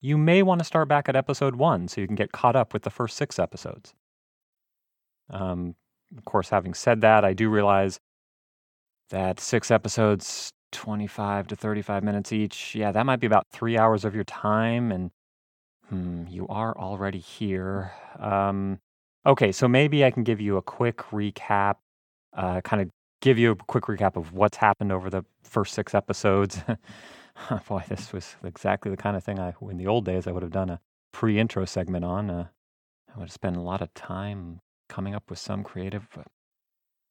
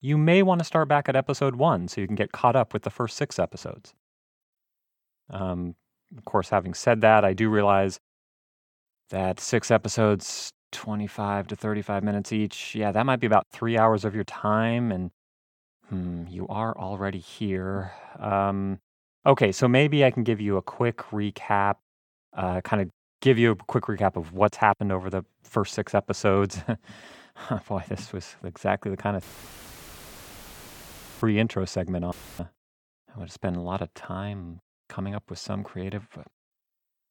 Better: first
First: none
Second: audio cutting out; filled with static; at 29 s for 2 s and at 32 s

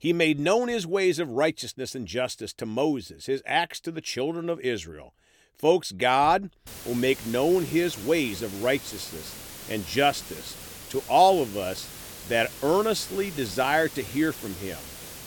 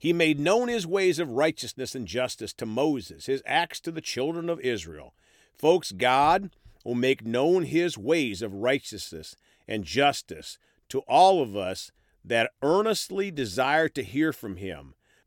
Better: second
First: hiss; noticeable; from 6.5 s on; 15 dB below the speech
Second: none

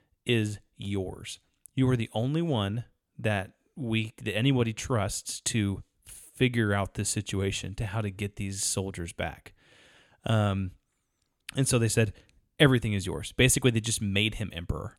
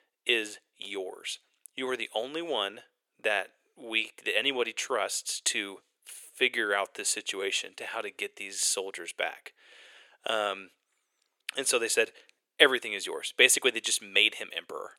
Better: first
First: none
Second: thin; very; fading below 400 Hz

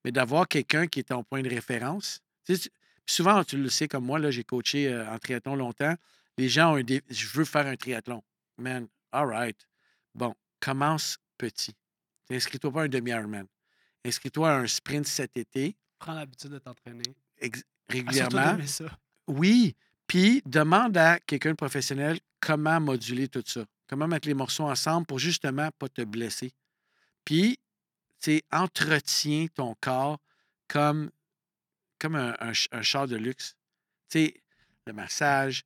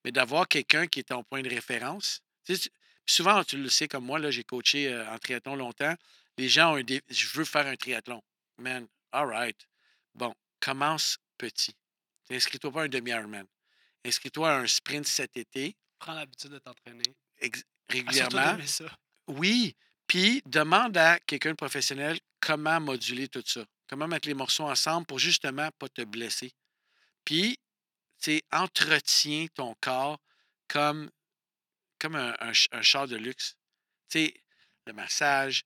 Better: first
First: none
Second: thin; very slightly; fading below 900 Hz

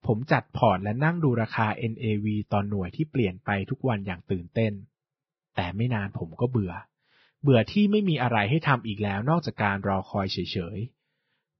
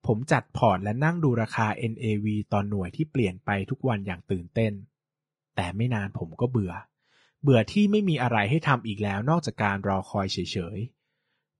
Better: second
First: garbled, watery; badly; nothing above 5.5 kHz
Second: garbled, watery; slightly; nothing above 10.5 kHz

